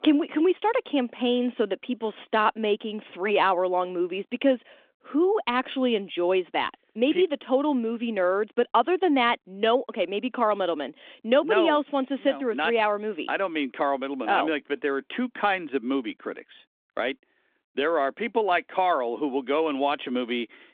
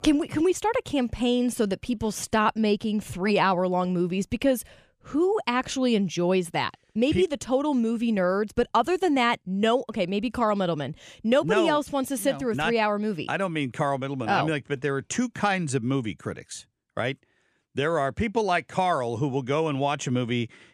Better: second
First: phone-call audio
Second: none

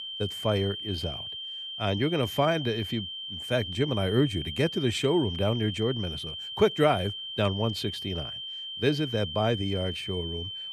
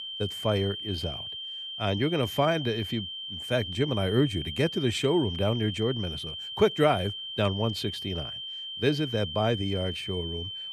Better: neither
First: high-pitched whine; loud; throughout; 3 kHz, 6 dB below the speech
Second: high-pitched whine; loud; throughout; 3 kHz, 6 dB below the speech

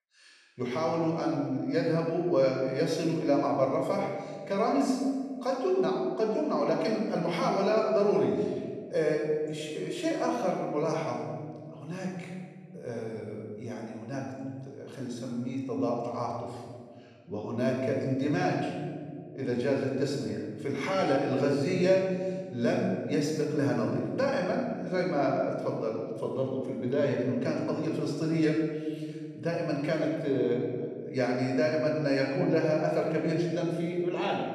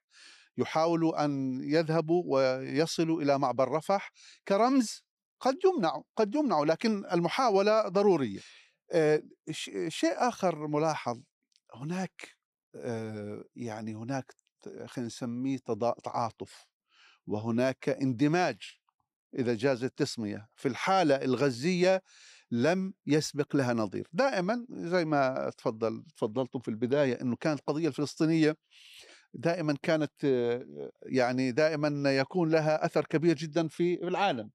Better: second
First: off-mic speech; somewhat distant // room echo; noticeable; dies away in 1.7 s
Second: none

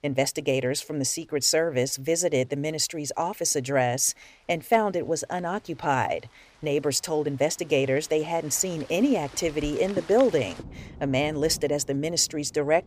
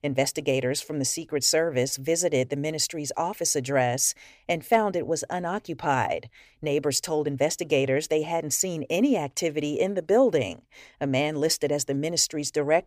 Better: second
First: rain or running water; noticeable; throughout; 20 dB below the speech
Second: none

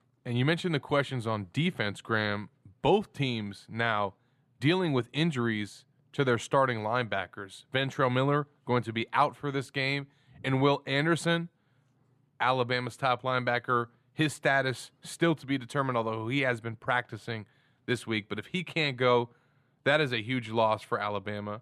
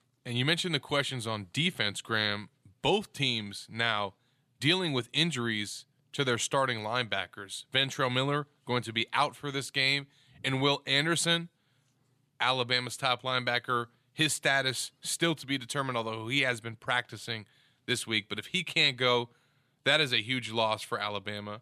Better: second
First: muffled; slightly; fading above 2 kHz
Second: none

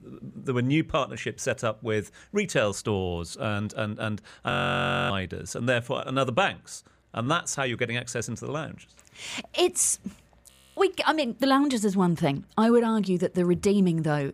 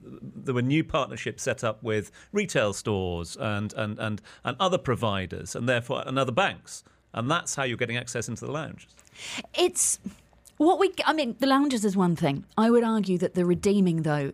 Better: second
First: audio freezing; at 4.5 s for 0.5 s and at 11 s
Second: none

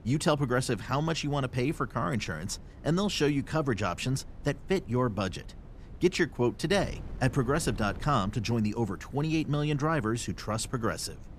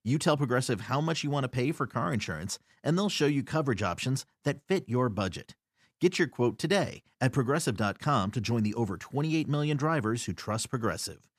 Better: second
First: wind noise on the microphone; occasional gusts; 25 dB below the speech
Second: none

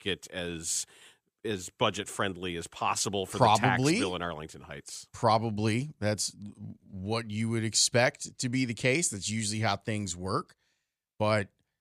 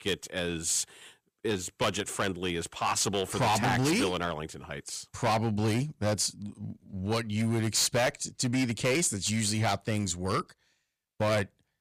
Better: first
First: none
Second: distortion; heavy; 10% of the sound clipped

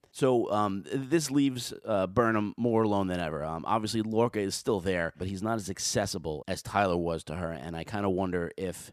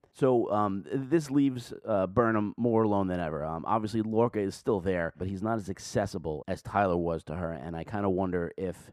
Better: first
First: none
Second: muffled; slightly; fading above 2 kHz

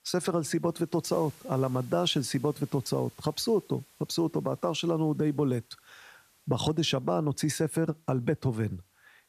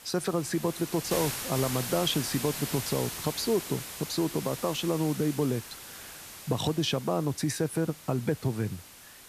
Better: first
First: hiss; faint; throughout; 25 dB below the speech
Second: hiss; loud; throughout; 7 dB below the speech

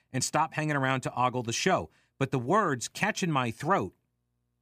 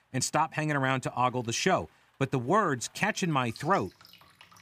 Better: first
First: none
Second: rain or running water; faint; throughout; 25 dB below the speech

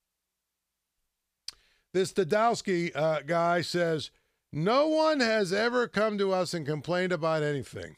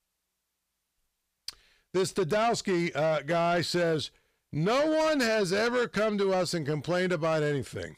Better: first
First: none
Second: distortion; slight; 10 dB below the speech

